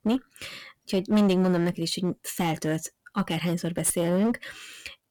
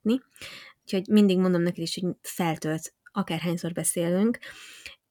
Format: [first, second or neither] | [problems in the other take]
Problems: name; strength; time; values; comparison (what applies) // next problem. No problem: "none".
second | distortion; slight; 7% of the sound clipped